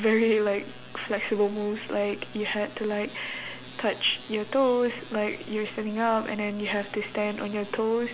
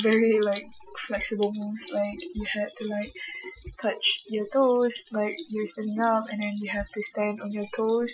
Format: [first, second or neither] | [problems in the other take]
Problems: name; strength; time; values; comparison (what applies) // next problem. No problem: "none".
first | noise reduction (classical method Wiener filter)